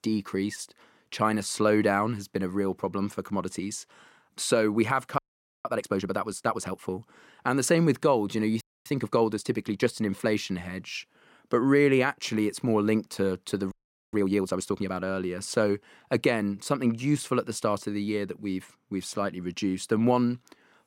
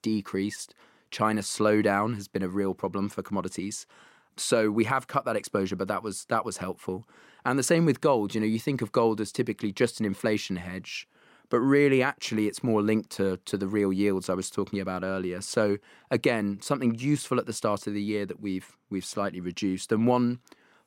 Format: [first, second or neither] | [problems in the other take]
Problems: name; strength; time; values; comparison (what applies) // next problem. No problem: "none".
second | audio freezing; at 5 s, at 8.5 s and at 14 s